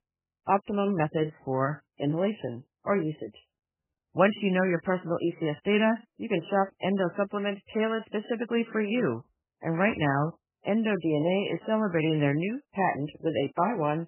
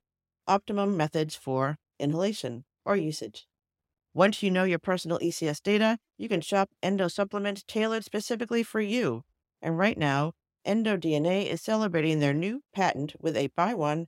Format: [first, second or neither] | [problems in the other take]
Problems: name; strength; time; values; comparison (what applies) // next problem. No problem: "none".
second | garbled, watery; badly; nothing above 3 kHz